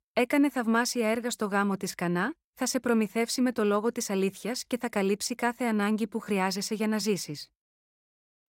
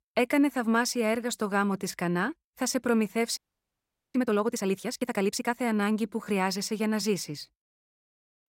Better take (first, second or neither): first